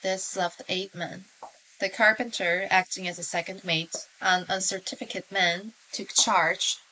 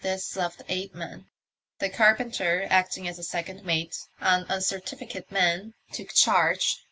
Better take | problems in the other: second | noise reduction (neural mask model Resemble Enhance denoiser)

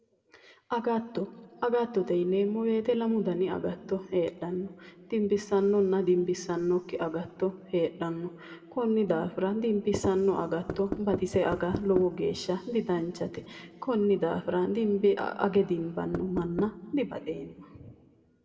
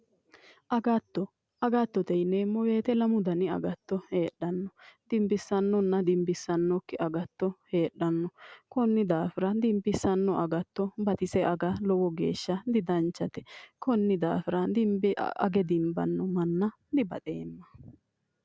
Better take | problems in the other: second | background sound (Knock); 7 dB below the speech // room echo; dies away in 1.7 s

